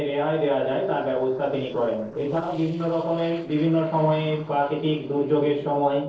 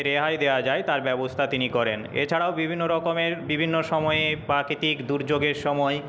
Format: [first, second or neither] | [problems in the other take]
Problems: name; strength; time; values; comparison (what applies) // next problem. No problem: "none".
second | noise reduction (neural separator model SepFormer DNS4)